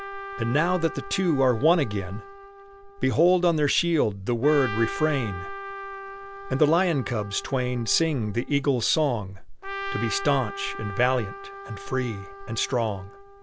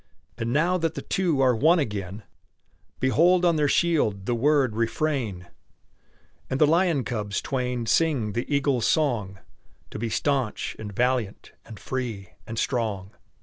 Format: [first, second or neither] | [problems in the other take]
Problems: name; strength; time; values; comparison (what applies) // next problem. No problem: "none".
second | background sound (Trumpet); 12 dB below the speech